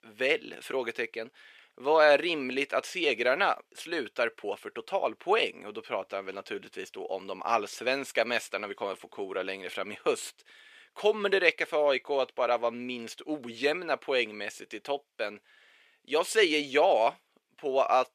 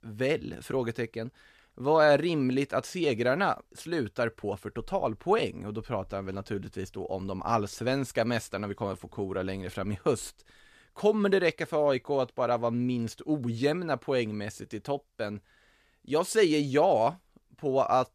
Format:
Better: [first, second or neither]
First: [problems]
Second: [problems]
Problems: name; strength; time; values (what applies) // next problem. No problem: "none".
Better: second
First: thin; somewhat; fading below 450 Hz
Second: none